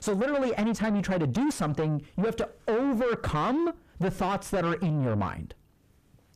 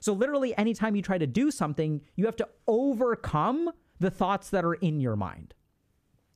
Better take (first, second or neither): second